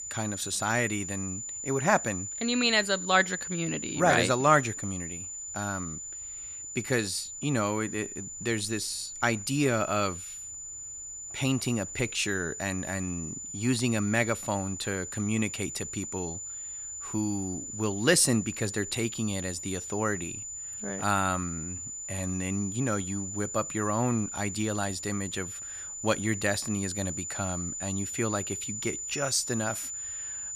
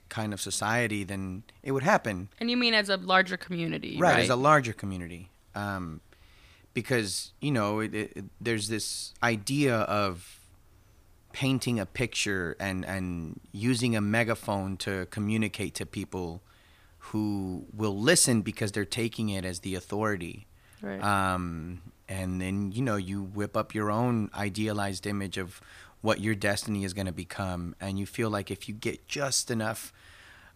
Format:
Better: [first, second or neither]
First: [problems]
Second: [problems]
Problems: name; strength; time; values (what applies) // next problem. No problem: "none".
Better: second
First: high-pitched whine; loud; throughout; 7 kHz, 6 dB below the speech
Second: none